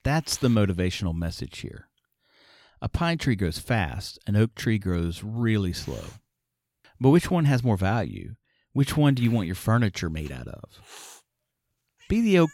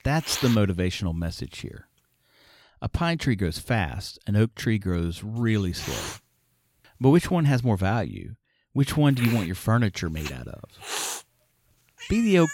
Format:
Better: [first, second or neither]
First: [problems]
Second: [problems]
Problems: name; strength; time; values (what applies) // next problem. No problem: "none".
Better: first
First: hiss; faint; until 2.5 s, from 5.5 to 7.5 s and from 9 s on; 25 dB below the speech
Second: hiss; loud; until 2.5 s, from 5.5 to 7.5 s and from 9 s on; 9 dB below the speech